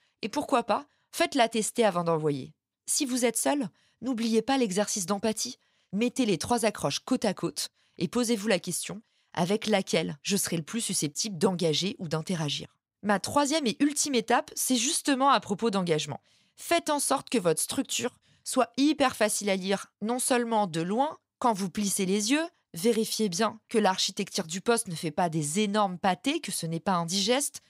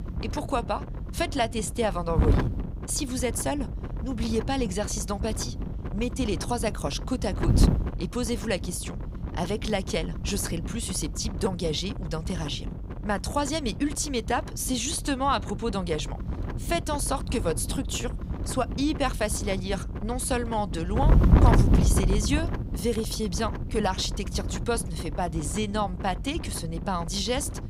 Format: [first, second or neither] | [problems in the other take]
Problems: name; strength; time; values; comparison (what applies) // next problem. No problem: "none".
first | wind noise on the microphone; heavy; 9 dB below the speech